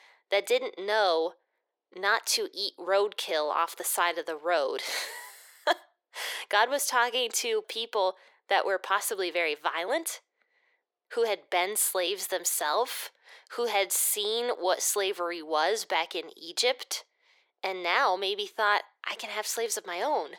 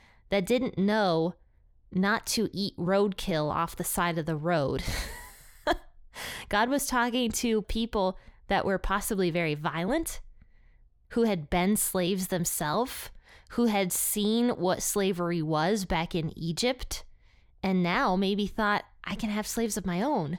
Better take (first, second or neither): second